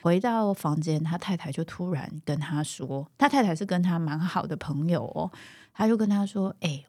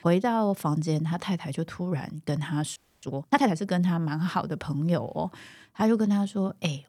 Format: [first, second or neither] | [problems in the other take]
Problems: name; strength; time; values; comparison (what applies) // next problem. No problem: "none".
first | audio freezing; at 3 s